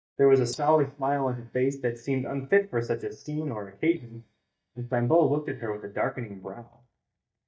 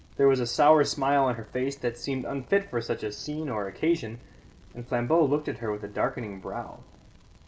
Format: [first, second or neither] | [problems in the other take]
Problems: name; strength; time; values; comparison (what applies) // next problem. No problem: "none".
second | noise reduction (neural mask model DeepFilterNet 3)